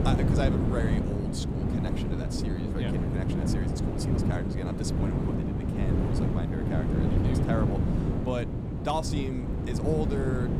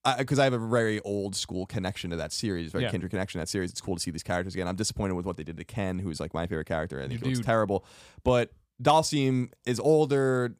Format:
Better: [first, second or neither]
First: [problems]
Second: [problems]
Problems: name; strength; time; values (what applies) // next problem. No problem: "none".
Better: second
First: wind noise on the microphone; heavy; 1 dB above the speech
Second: none